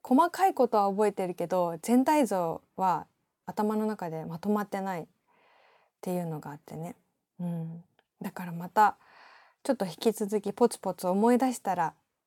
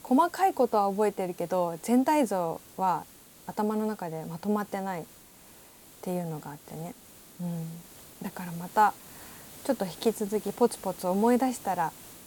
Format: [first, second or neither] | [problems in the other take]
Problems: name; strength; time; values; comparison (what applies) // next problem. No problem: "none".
first | hiss; noticeable; throughout; 20 dB below the speech